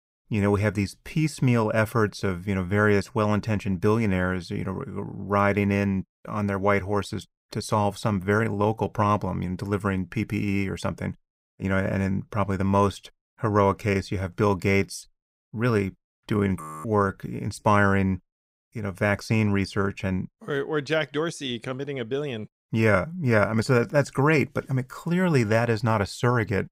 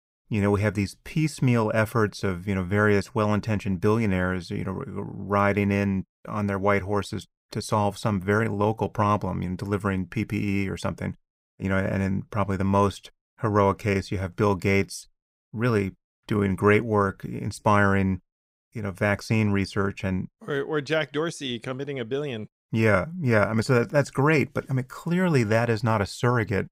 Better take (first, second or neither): second